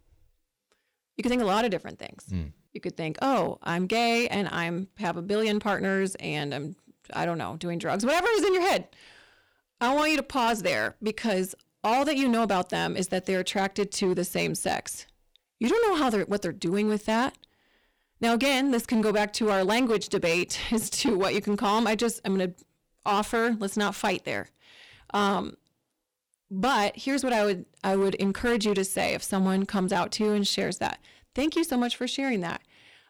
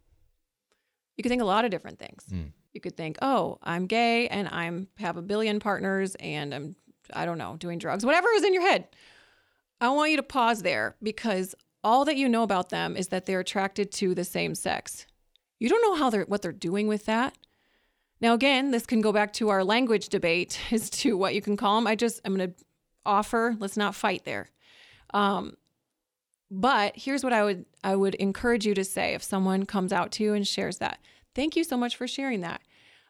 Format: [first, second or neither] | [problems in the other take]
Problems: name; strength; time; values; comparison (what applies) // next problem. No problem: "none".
second | distortion; slight; 10% of the sound clipped